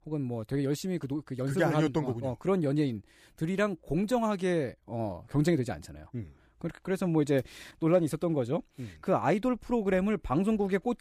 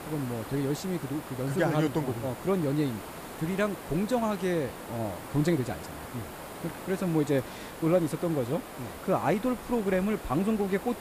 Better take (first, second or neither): first